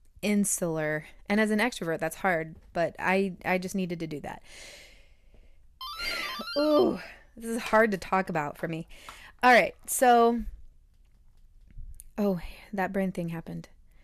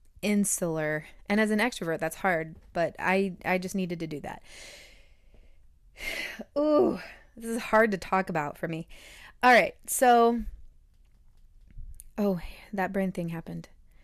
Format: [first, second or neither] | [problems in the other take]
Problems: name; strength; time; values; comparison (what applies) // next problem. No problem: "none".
second | doorbell; noticeable; from 6 to 10 s; peak 8 dB below the speech